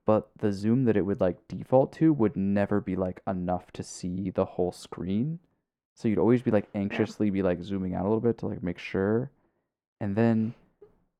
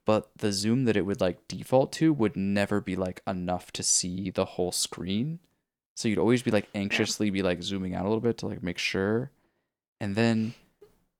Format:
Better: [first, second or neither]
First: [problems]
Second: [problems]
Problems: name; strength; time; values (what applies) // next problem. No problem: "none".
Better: second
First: muffled; very; fading above 2.5 kHz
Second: none